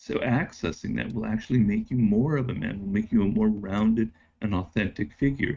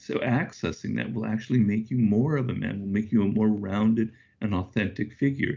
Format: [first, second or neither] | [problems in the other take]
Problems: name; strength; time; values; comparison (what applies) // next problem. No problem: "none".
second | noise reduction (neural mask model RNNoise)